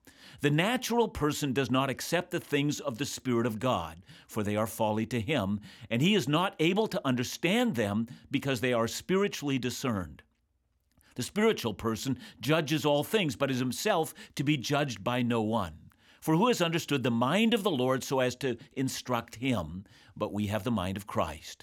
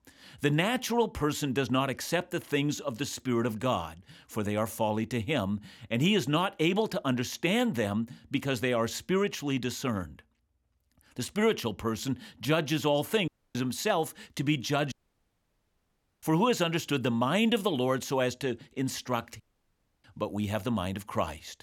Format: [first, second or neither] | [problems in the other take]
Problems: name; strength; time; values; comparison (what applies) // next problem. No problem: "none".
first | audio cutting out; at 13 s, at 15 s for 1.5 s and at 19 s for 0.5 s